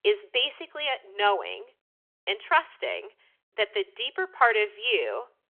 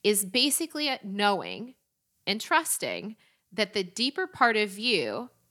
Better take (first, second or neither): second